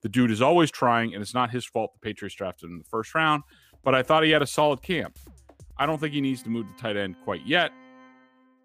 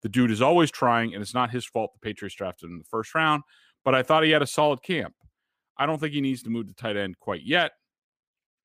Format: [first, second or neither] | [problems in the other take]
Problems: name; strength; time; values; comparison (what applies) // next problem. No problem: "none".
second | background music; faint; throughout; 25 dB below the speech